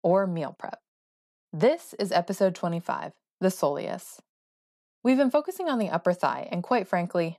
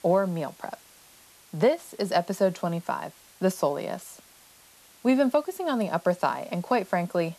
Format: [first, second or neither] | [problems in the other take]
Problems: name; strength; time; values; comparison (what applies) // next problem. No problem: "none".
first | hiss; faint; throughout; 25 dB below the speech